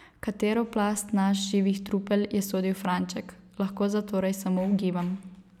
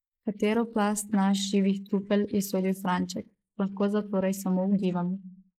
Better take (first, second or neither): first